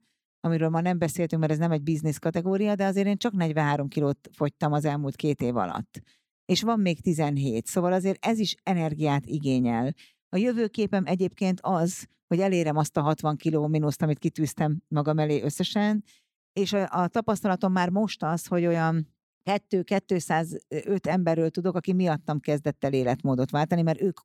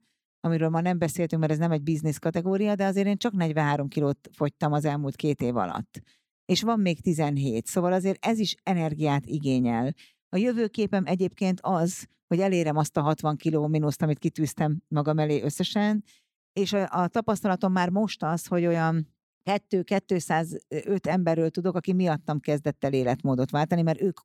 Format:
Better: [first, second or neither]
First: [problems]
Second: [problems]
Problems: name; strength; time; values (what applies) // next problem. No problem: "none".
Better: neither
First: none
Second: none